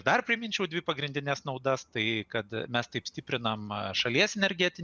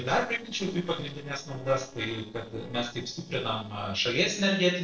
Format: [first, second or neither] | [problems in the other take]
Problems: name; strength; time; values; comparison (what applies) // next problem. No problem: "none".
first | noise reduction (neural separator model SepFormer DNS4)